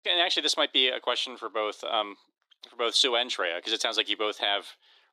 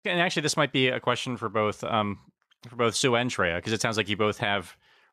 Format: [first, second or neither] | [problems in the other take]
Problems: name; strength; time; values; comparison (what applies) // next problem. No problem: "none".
second | thin; somewhat; fading below 300 Hz